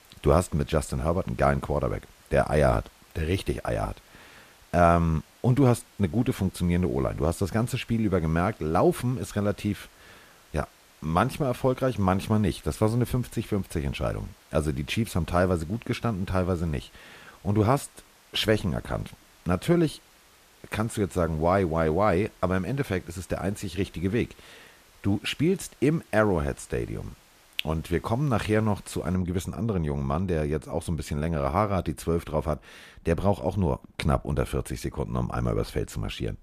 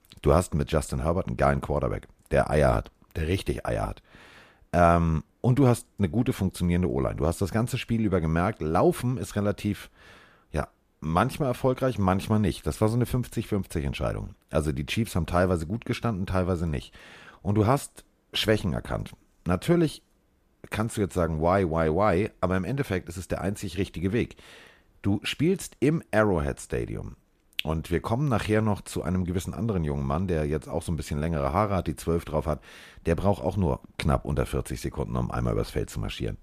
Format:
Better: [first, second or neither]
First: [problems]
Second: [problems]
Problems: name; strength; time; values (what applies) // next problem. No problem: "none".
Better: second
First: hiss; faint; until 29 s; 30 dB below the speech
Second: none